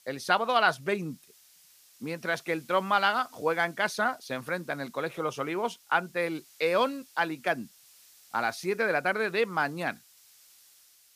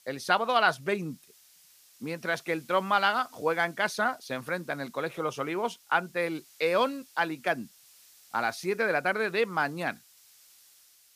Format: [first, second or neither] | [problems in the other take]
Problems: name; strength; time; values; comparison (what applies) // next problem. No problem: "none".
neither | hiss; faint; throughout; 25 dB below the speech; the same in both